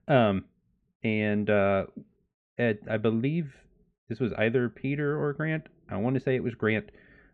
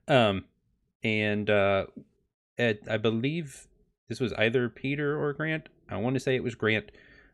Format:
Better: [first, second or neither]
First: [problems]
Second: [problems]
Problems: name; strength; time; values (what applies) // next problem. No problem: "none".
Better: second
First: muffled; slightly; fading above 2 kHz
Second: none